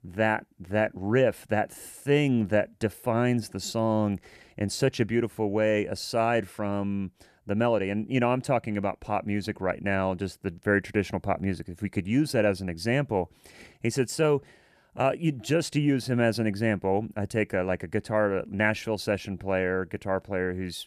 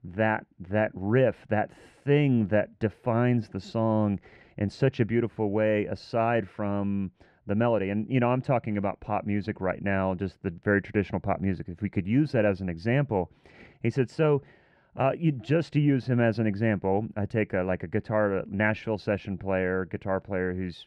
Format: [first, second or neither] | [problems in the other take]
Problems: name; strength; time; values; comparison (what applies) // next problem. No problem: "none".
first | muffled; slightly; fading above 2.5 kHz